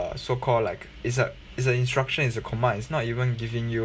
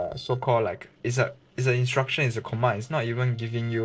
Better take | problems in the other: first | noise reduction (neural separator model SepFormer DNS4)

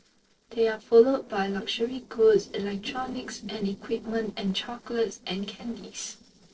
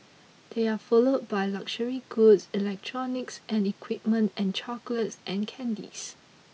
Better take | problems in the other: second | noise reduction (neural separator model SepFormer DNS4)

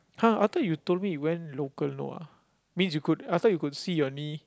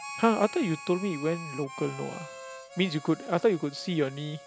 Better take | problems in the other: first | background sound (Harmonica); 14 dB below the speech

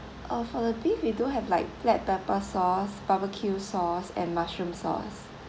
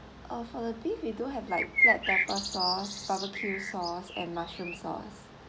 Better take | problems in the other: first | background sound (Bird); 4 dB above the speech

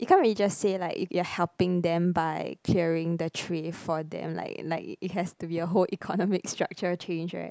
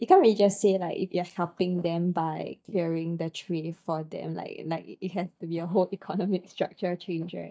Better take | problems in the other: first | noise reduction (neural mask model DeepFilterNet 3)

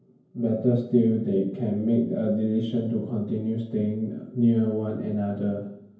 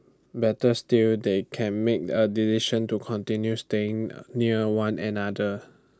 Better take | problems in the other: second | room echo; dies away in 0.9 s

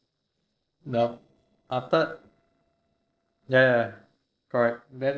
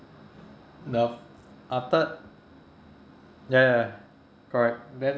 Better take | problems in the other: second | noise reduction (neural separator model SepFormer DNS4)

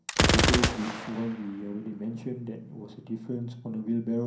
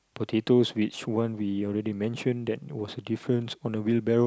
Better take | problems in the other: second | background sound (Gunshot, gunfire); 2 dB above the speech // room echo; dies away in 0.6 s

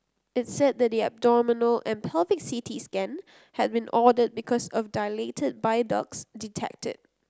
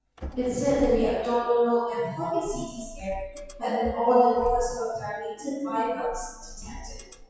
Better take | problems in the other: first | noise reduction (classical method WPE with log-MMSE)

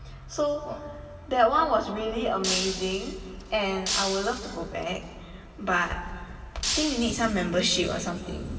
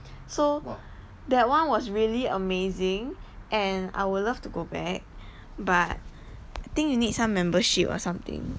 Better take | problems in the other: second | background sound (Shatter); 6 dB below the speech // room echo; dies away in 2.3 s

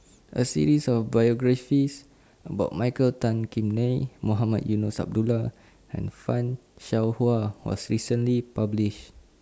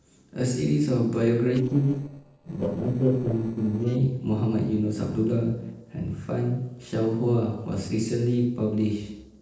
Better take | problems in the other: first | noise reduction (neural separator model SepFormer DNS4)

